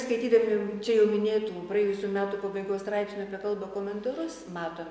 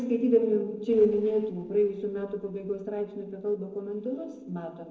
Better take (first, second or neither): first